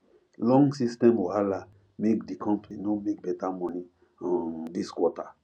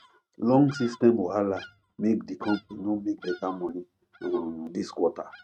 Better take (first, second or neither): first